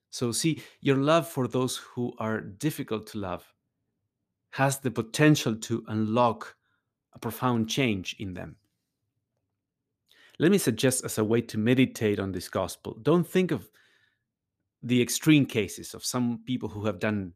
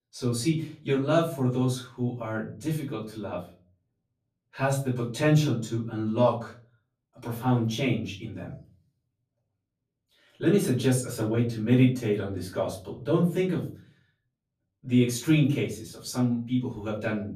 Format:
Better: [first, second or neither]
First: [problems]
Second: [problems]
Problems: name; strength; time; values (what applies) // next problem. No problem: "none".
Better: first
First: none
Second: room echo; slight; dies away in 0.4 s // off-mic speech; far